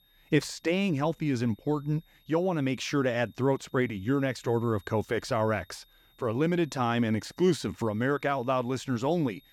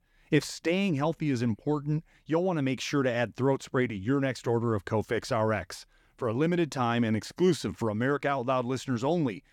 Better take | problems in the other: second | high-pitched whine; faint; throughout; 3.5 kHz, 35 dB below the speech

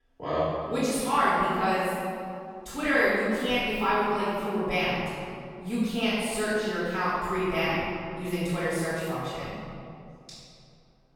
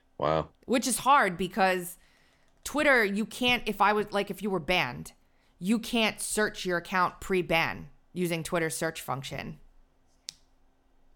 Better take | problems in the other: second | room echo; strong; dies away in 2.2 s // off-mic speech; far

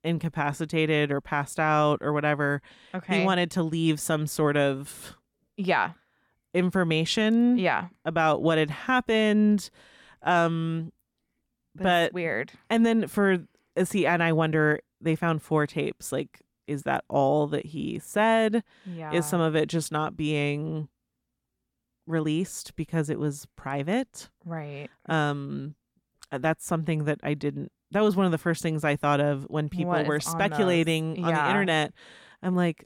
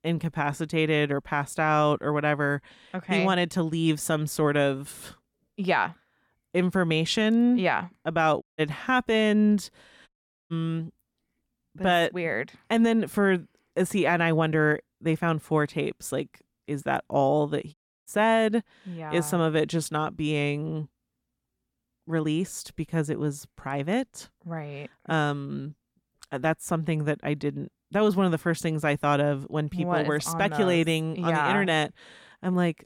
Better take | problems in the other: first | audio cutting out; at 8.5 s, at 10 s and at 18 s

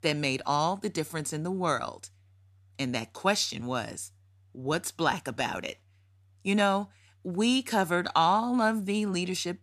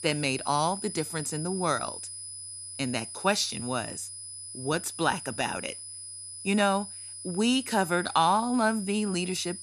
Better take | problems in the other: first | high-pitched whine; loud; throughout; 10 kHz, 9 dB below the speech

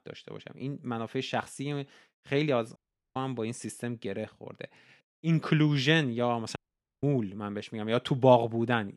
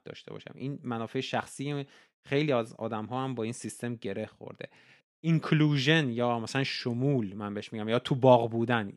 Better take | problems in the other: second | audio cutting out; at 3 s and at 6.5 s

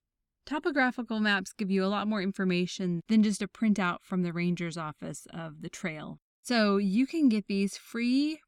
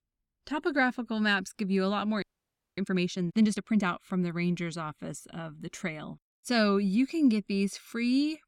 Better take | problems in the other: first | audio freezing; at 2 s for 0.5 s

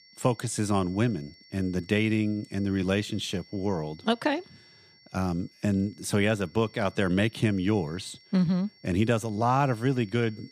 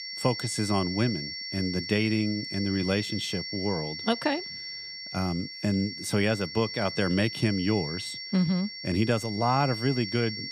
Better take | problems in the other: first | high-pitched whine; loud; throughout; 5.5 kHz, 6 dB below the speech; faint in the first

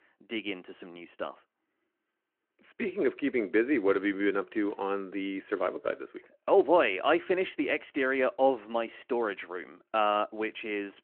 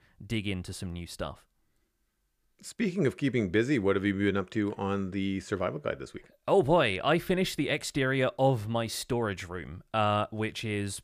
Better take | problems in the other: second | phone-call audio

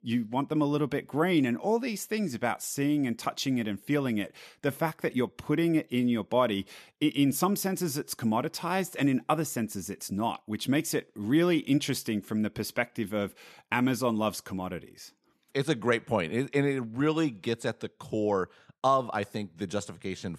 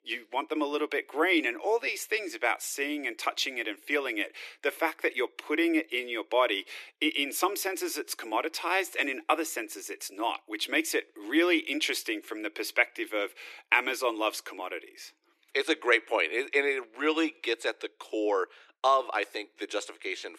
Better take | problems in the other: first | thin; very; fading below 300 Hz

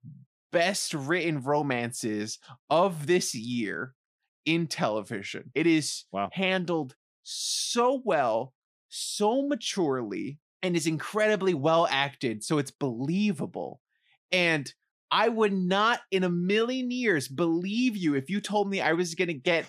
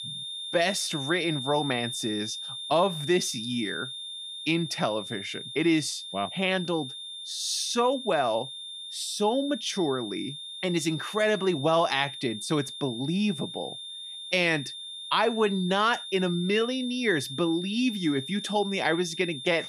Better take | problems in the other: first | high-pitched whine; loud; throughout; 3.5 kHz, 8 dB below the speech

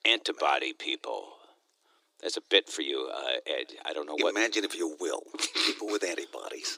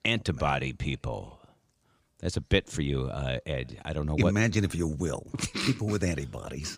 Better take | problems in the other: second | thin; very; fading below 300 Hz

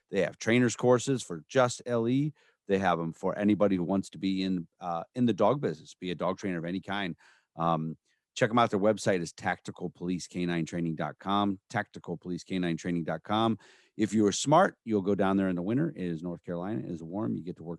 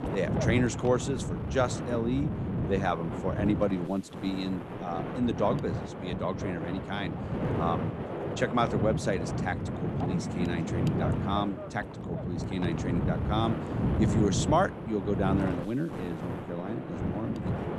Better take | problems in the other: first | wind noise on the microphone; heavy; 5 dB below the speech

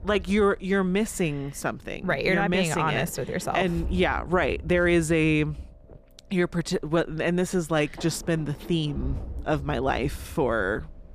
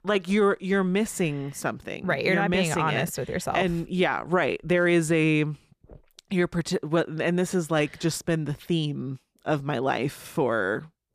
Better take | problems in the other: second | low rumble; faint; throughout; 25 dB below the speech

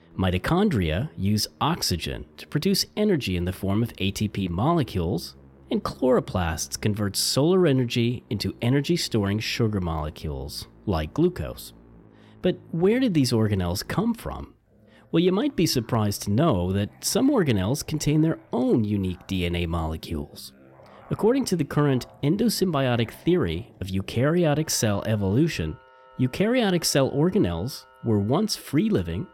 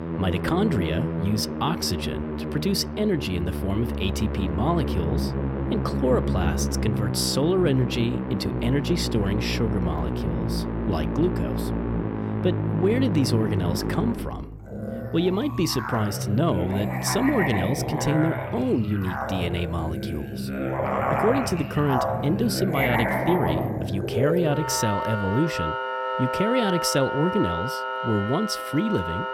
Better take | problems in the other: first | background music; loud; throughout; 2 dB below the speech; faint in the first

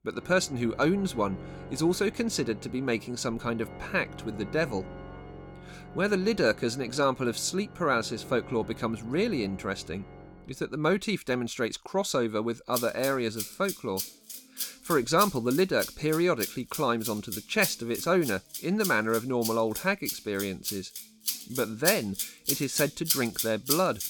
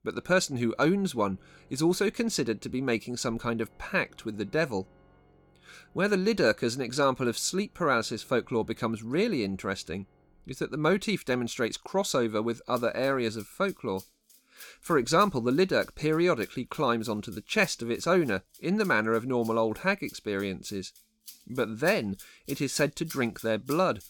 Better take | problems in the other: second | background music; loud; throughout; 7 dB below the speech; faint in the second

